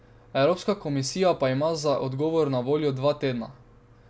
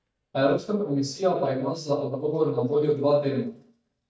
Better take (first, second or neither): first